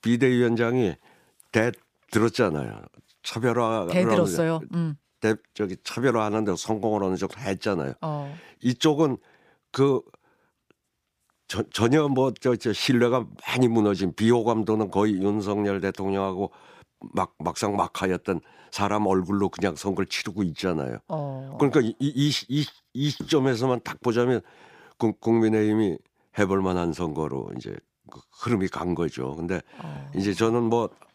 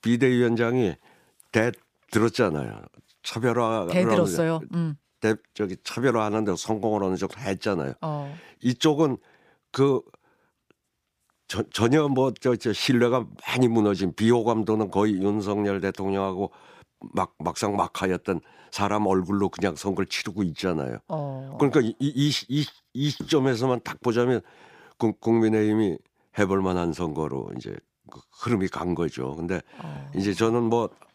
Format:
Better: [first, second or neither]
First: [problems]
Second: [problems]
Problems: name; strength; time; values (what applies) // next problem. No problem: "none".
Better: neither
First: none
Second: none